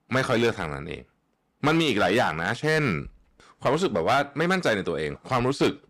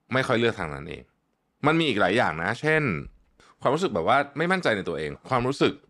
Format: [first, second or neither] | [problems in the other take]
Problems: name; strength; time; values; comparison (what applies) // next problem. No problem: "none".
second | distortion; slight; 5% of the sound clipped